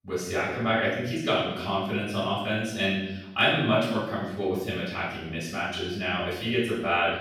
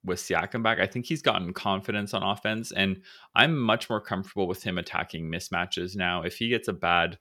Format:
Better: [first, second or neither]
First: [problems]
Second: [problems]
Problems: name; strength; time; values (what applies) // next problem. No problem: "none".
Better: second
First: off-mic speech; far // room echo; noticeable; dies away in 0.8 s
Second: none